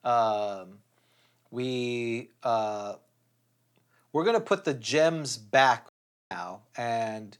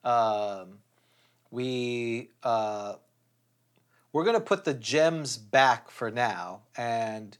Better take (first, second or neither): second